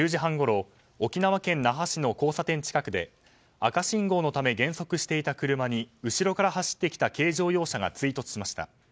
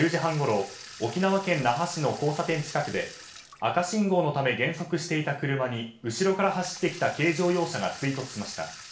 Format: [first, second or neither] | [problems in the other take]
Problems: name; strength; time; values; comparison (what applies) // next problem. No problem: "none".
first | background sound (Sink (filling or washing) / Water tap, faucet); 19 dB below the speech // room echo; dies away in 0.5 s